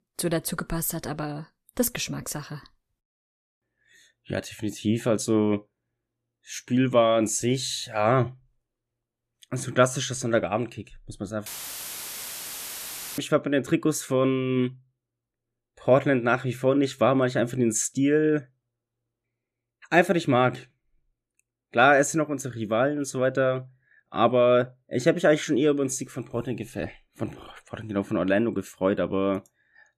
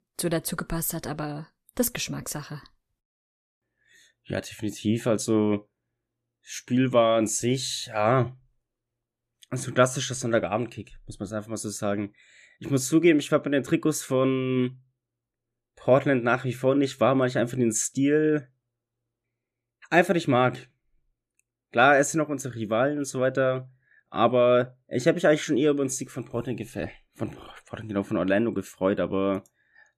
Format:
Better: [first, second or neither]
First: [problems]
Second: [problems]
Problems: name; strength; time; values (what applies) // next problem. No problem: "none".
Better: second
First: audio cutting out; filled with static; at 11 s for 1.5 s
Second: none